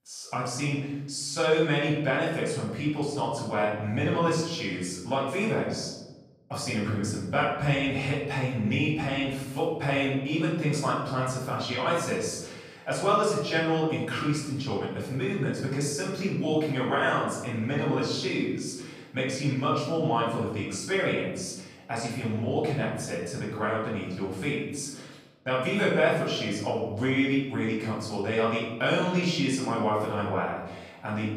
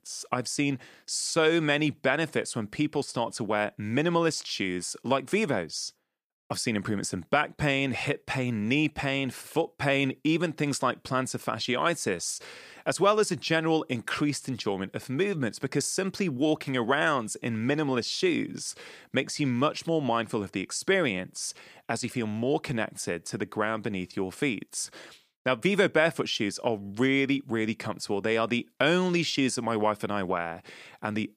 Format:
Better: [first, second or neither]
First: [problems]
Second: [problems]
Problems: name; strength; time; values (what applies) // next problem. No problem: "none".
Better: second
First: off-mic speech; far // room echo; noticeable; dies away in 1 s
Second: none